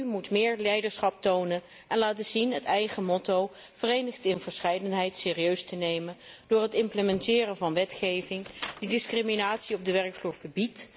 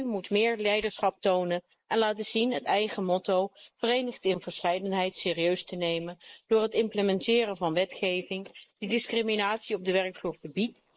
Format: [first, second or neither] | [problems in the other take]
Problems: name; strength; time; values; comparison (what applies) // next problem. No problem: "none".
first | noise reduction (neural mask model Resemble Enhance denoiser)